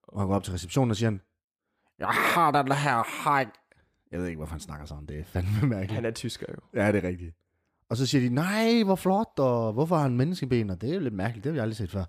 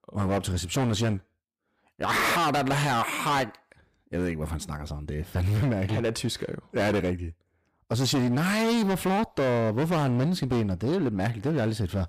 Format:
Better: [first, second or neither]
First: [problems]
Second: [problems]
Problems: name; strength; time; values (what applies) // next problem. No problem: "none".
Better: first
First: none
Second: distortion; heavy; 19% of the sound clipped